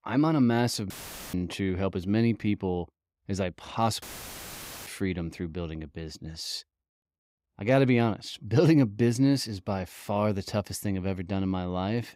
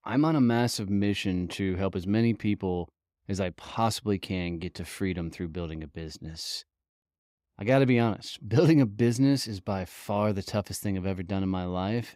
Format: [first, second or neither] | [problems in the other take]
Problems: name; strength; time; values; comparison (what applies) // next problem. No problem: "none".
second | audio cutting out; filled with static; at 1 s and at 4 s for 1 s